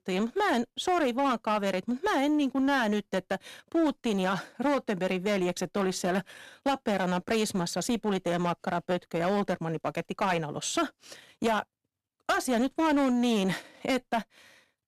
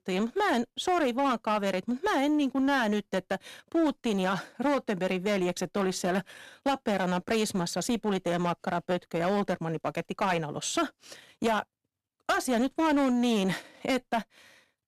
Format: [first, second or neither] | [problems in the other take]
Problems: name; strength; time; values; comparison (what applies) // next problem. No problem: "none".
neither | distortion; slight; 10% of the sound clipped; the same in both